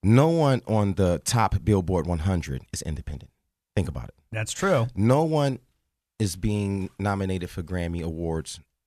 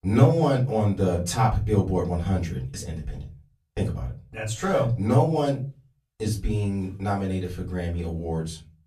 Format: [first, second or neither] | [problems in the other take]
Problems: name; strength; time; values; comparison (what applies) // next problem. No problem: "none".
first | off-mic speech; far // room echo; very slight; dies away in 0.3 s